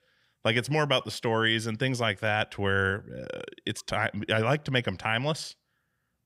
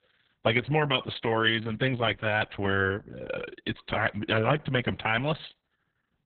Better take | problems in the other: first | garbled, watery; badly

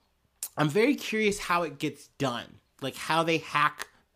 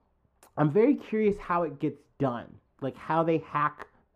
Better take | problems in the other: first | muffled; very; fading above 2.5 kHz

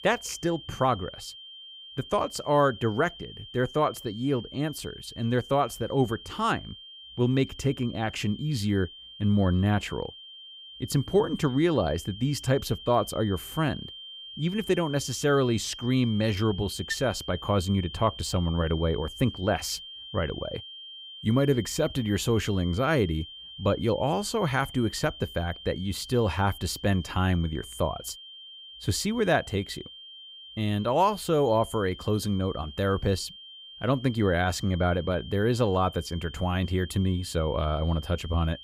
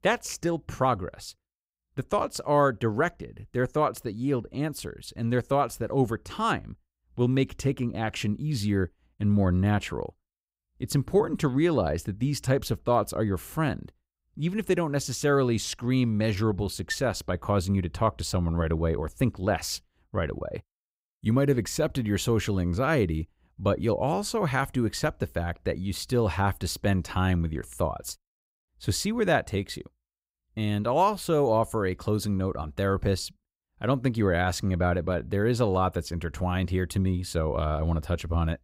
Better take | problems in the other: second | high-pitched whine; noticeable; throughout; 3 kHz, 15 dB below the speech

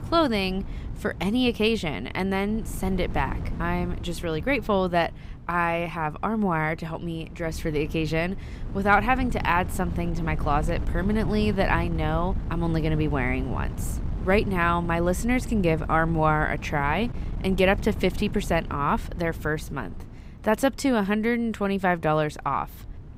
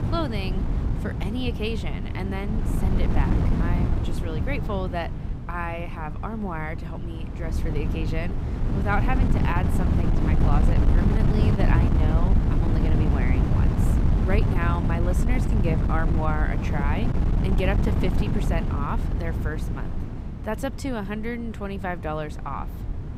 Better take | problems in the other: first | wind noise on the microphone; heavy; 3 dB below the speech; occasional gusts in the first

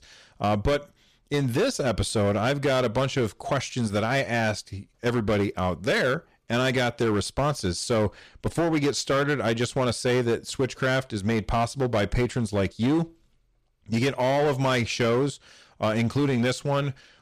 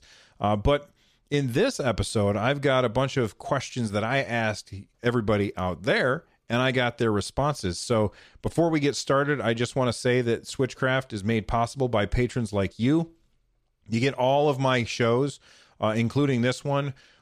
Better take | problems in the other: second | distortion; slight; 12% of the sound clipped

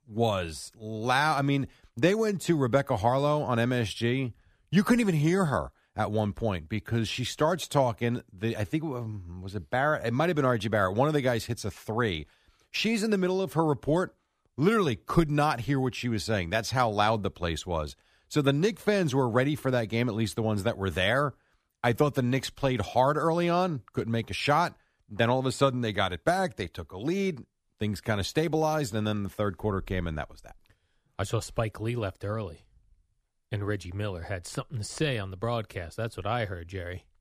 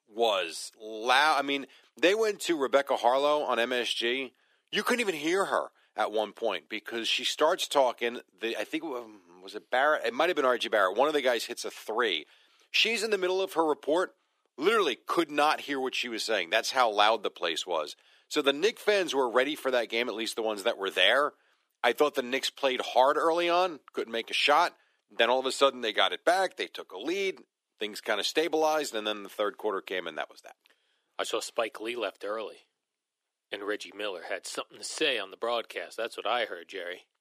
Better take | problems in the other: first | thin; very; fading below 350 Hz

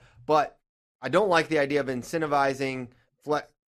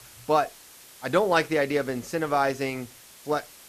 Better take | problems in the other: first | hiss; faint; throughout; 20 dB below the speech

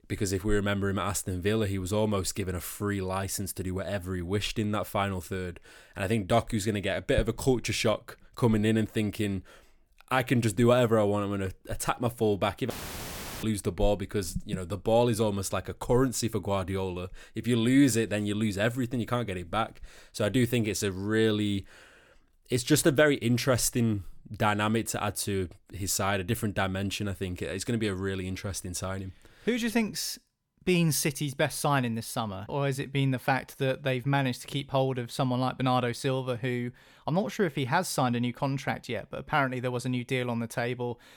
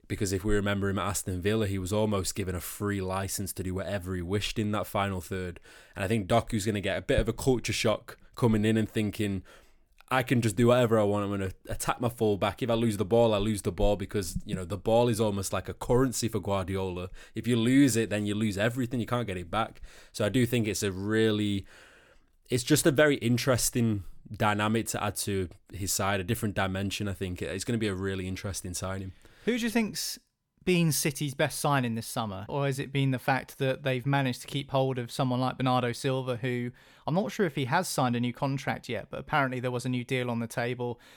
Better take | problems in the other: second | audio cutting out; filled with static; at 13 s for 0.5 s

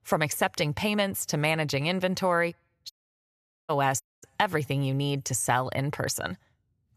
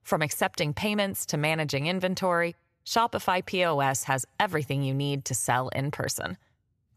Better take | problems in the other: second | audio cutting out; at 3 s for 1 s and at 4 s

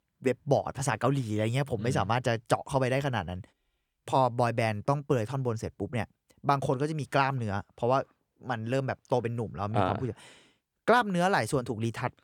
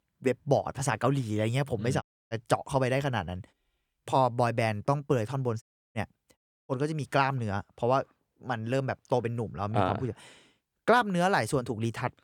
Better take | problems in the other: first | audio cutting out; at 2 s, at 5.5 s and at 6.5 s

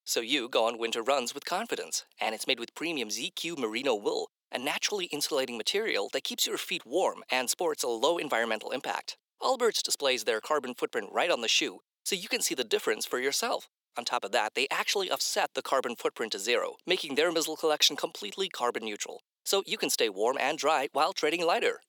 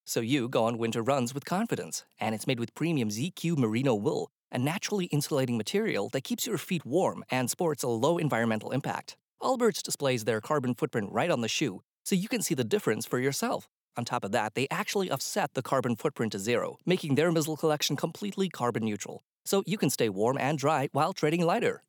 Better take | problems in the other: second | thin; somewhat; fading below 350 Hz

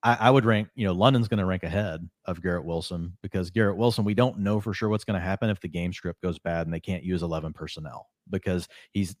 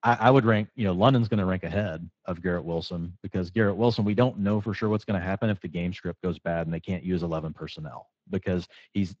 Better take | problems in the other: first | garbled, watery; slightly

